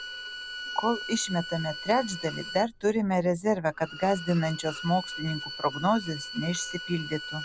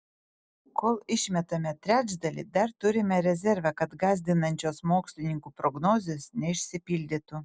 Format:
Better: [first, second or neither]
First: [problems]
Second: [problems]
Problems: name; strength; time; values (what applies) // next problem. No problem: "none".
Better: second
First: background sound (Bowed string instrument); 10 dB below the speech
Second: none